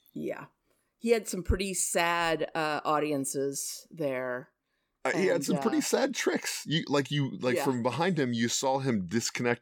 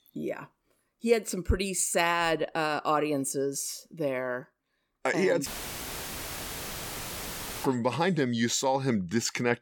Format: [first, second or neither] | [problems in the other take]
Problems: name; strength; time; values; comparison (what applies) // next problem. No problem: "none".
first | audio cutting out; filled with static; at 5.5 s for 2 s